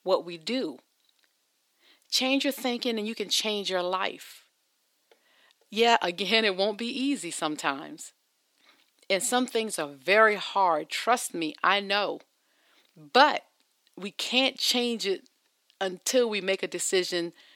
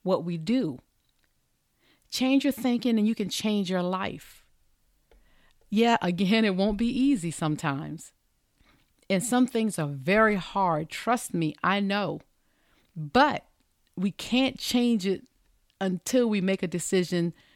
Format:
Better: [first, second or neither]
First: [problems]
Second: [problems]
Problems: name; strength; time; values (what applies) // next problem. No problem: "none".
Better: second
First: thin; somewhat; fading below 350 Hz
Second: none